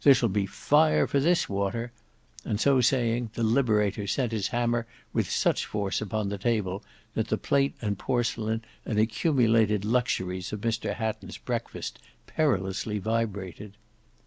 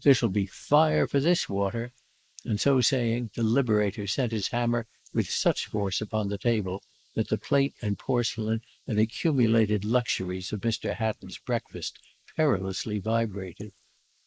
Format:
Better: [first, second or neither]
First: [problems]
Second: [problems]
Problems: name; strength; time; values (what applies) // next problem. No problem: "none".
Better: first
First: none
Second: noise reduction (neural mask model Resemble Enhance denoiser)